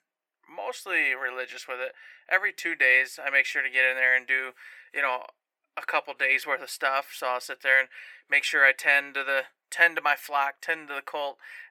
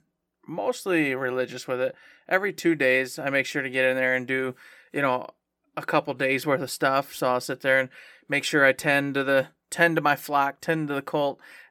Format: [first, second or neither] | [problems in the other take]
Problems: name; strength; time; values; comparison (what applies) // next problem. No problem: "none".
second | thin; very; fading below 750 Hz